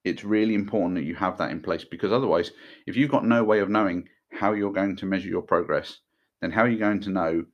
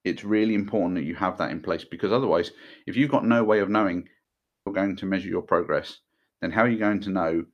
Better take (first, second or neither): first